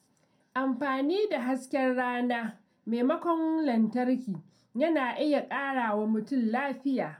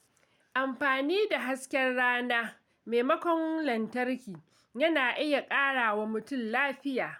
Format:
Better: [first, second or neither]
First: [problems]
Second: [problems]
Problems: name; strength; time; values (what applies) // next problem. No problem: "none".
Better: second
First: room echo; dies away in 0.2 s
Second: none